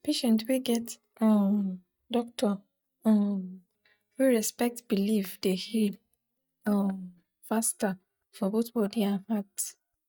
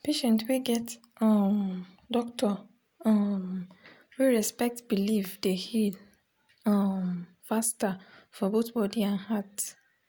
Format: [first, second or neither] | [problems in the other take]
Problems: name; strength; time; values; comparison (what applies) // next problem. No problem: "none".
second | noise reduction (neural mask model DeepFilterNet 3)